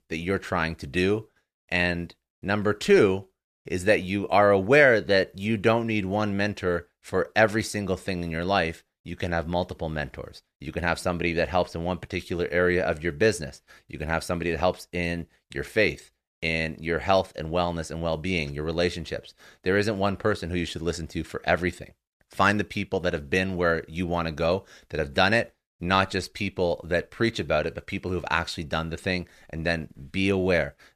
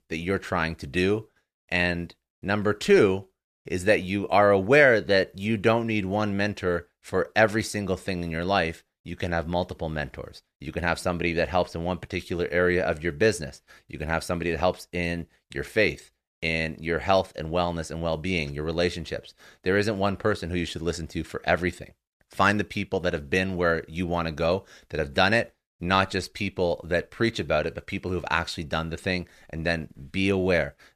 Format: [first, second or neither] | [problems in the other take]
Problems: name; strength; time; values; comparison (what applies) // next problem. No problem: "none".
neither | none